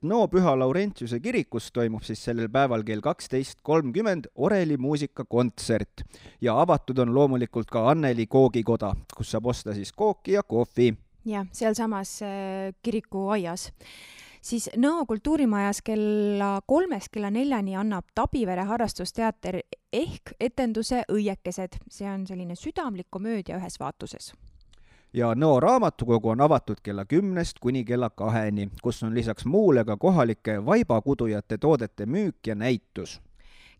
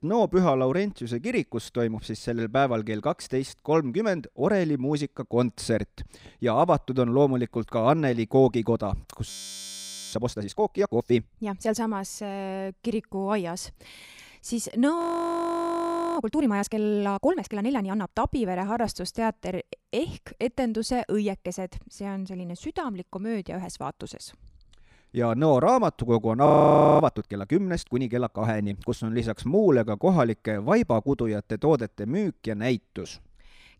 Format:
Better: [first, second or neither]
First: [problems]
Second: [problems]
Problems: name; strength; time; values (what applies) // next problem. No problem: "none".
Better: first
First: none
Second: audio freezing; at 9.5 s for 1 s, at 15 s for 1 s and at 26 s for 0.5 s